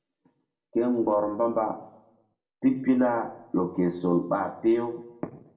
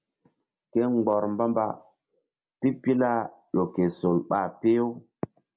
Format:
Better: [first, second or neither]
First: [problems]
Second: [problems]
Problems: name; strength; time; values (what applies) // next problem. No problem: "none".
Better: second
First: room echo; dies away in 0.6 s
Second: none